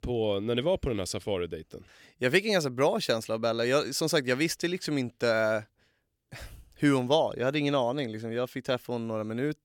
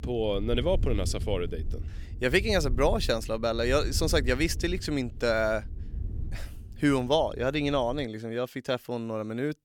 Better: first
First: none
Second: wind noise on the microphone; occasional gusts; until 8 s; 25 dB below the speech

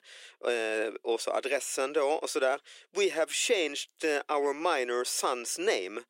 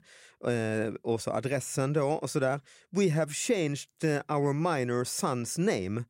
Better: second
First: thin; very; fading below 350 Hz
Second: none

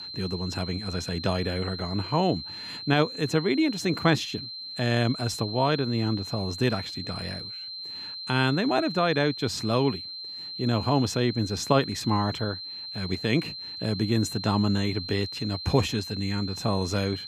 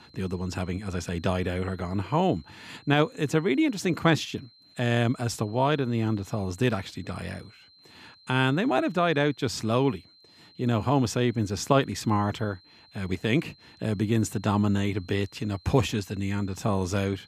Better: second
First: high-pitched whine; loud; throughout; 4 kHz, 8 dB below the speech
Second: high-pitched whine; faint; throughout; 4 kHz, 25 dB below the speech

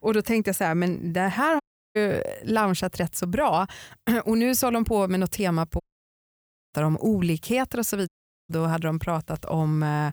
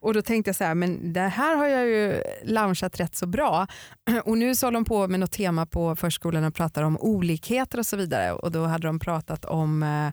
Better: second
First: audio cutting out; at 1.5 s, at 6 s for 1 s and at 8 s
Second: none

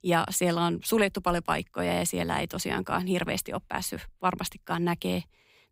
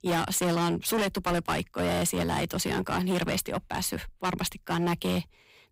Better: first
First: none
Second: distortion; heavy; 17% of the sound clipped

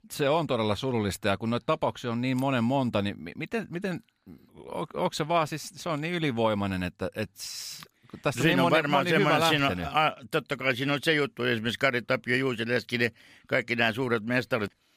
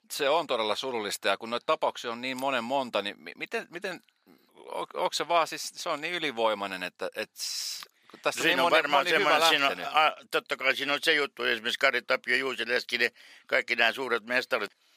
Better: first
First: none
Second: thin; somewhat; fading below 500 Hz

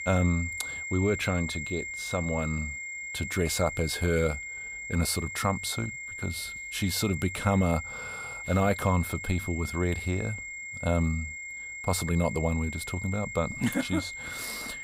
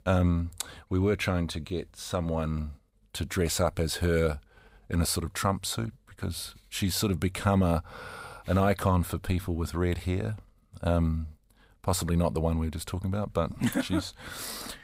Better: second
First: high-pitched whine; loud; throughout; 2 kHz, 6 dB below the speech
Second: none

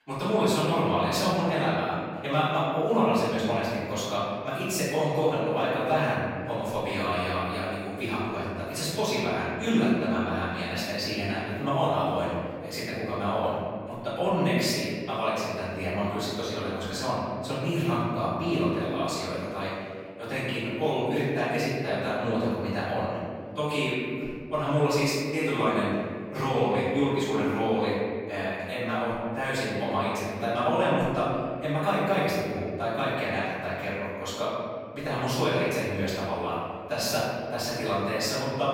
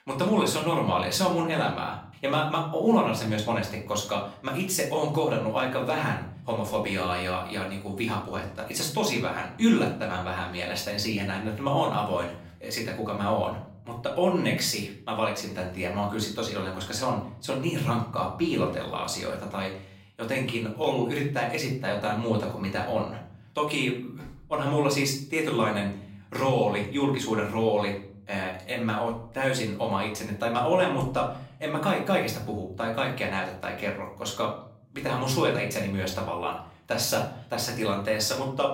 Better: second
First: room echo; strong; dies away in 2.1 s // off-mic speech; far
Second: room echo; slight; dies away in 0.5 s // off-mic speech; far

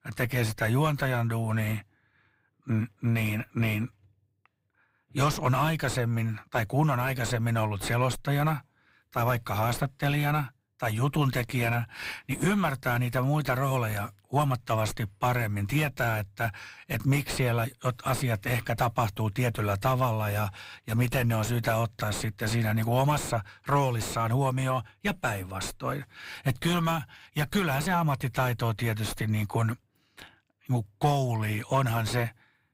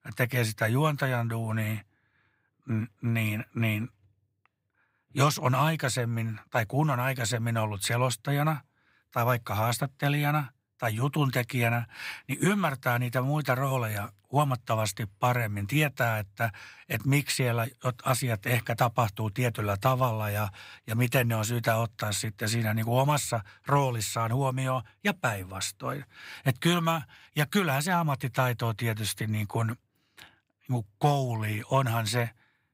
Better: second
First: distortion; slight; 7 dB below the speech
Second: none

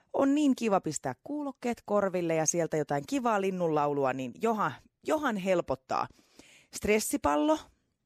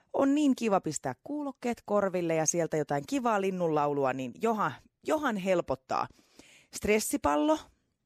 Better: neither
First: none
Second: none

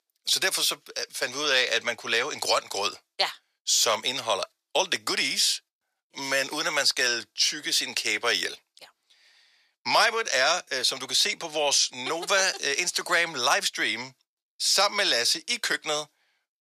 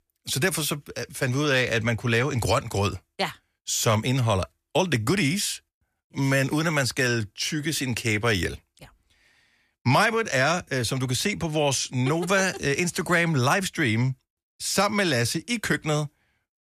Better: second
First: thin; very; fading below 600 Hz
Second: none

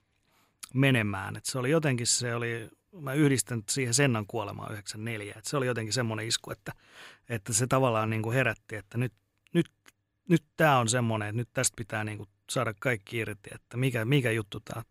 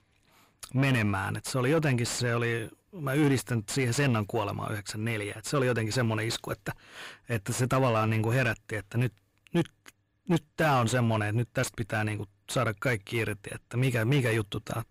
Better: first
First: none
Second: distortion; heavy; 7 dB below the speech

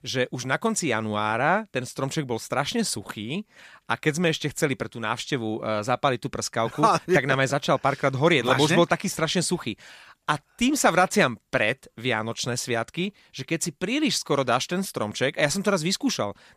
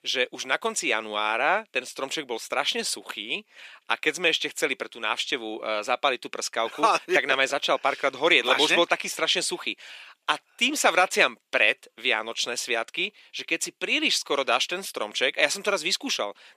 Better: first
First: none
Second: thin; somewhat; fading below 350 Hz

